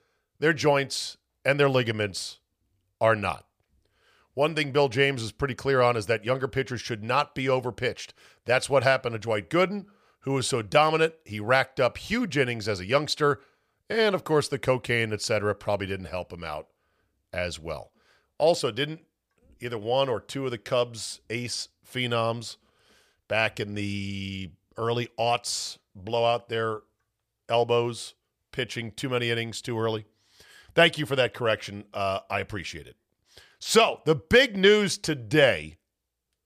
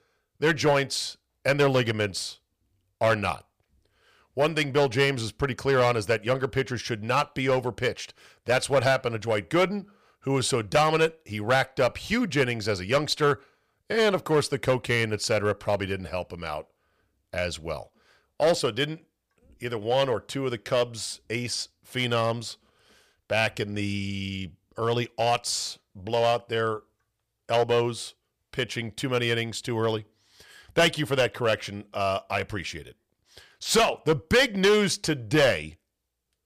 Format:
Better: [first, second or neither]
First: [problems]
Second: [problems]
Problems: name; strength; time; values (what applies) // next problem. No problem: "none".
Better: first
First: none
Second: distortion; slight; 3% of the sound clipped